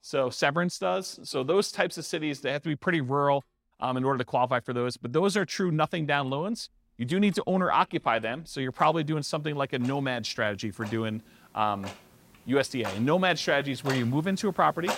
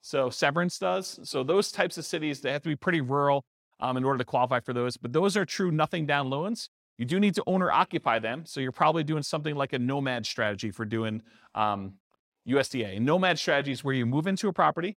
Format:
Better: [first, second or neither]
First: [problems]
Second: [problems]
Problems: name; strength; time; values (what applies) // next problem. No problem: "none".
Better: second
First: household noises; noticeable; throughout; 15 dB below the speech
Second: none